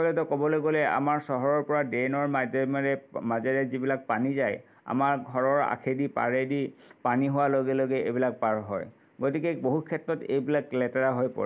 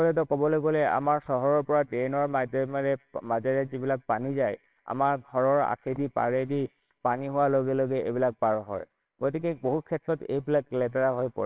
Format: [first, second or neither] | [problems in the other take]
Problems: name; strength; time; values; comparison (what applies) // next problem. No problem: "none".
first | noise reduction (neural separator model SepFormer WHAMR!)